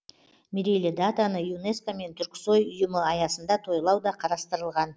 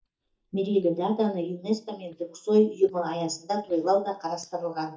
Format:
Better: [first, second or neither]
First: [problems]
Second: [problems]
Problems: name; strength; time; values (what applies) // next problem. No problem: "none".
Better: first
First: none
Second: noise reduction (neural mask model DeepFilterNet 3)